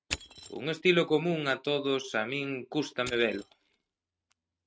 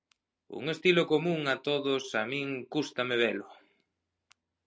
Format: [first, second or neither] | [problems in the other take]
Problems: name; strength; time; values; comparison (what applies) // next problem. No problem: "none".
second | noise reduction (neural mask model RNNoise)